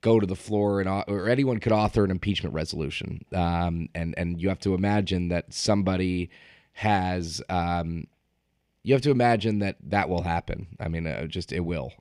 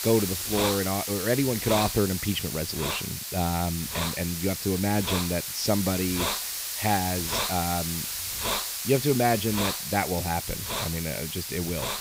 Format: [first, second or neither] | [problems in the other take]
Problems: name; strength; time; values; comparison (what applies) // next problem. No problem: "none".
first | hiss; loud; throughout; 2 dB below the speech